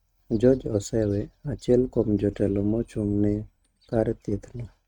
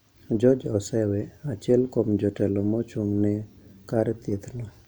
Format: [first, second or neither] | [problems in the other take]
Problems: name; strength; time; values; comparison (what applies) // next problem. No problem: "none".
second | noise reduction (neural mask model RNNoise)